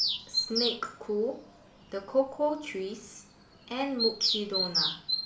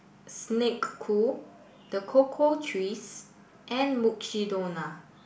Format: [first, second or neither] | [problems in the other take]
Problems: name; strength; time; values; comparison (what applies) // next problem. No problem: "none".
second | background sound (Bird vocalization, bird call, bird song); 1 dB below the speech